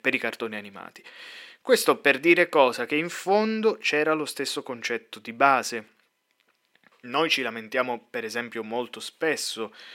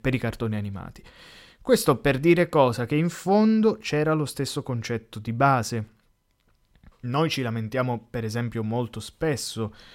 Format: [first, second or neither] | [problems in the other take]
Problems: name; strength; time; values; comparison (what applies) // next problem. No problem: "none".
second | thin; somewhat; fading below 300 Hz